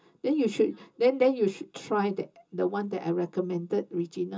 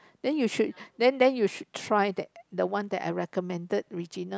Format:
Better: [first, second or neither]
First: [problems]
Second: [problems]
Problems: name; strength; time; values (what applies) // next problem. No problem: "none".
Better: second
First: room echo; dies away in 0.2 s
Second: none